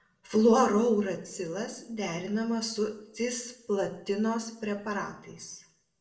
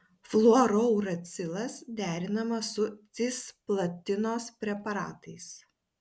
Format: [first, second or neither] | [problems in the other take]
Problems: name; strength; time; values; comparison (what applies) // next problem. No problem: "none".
second | room echo; dies away in 0.6 s